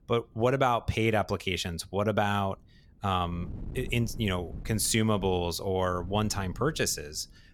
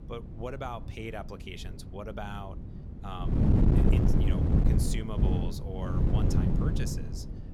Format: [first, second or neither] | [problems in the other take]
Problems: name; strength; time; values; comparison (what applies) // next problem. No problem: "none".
first | wind noise on the microphone; heavy; 4 dB above the speech; occasional gusts in the first